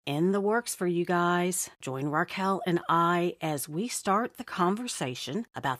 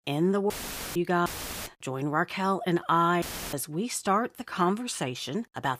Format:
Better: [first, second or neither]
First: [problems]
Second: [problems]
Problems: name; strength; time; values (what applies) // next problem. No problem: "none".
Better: first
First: none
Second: audio cutting out; filled with static; at 0.5 s, at 1.5 s and at 3 s